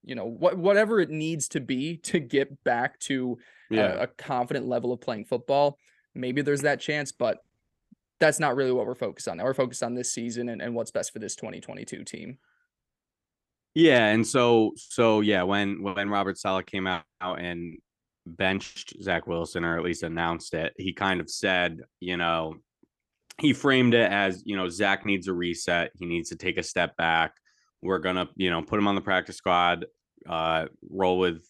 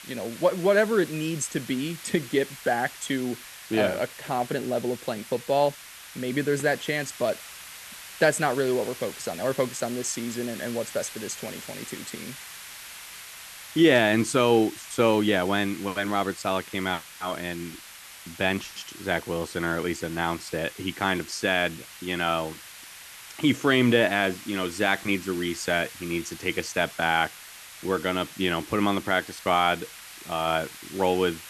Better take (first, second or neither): first